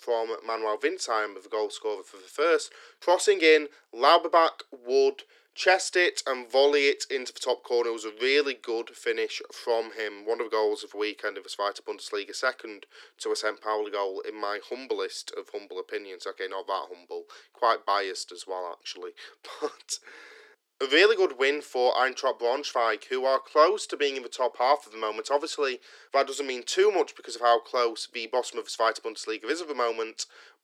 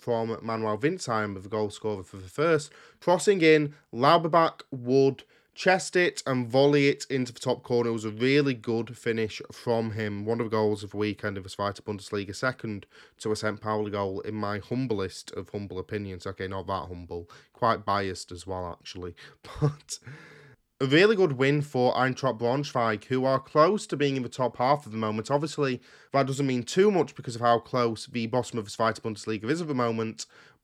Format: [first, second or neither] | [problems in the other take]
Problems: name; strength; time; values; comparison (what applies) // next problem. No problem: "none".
second | thin; very; fading below 350 Hz